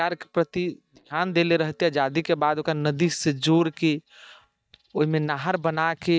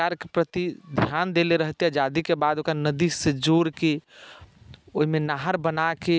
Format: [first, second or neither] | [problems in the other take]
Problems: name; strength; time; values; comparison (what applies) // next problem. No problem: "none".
second | noise reduction (neural mask model DeepFilterNet 3)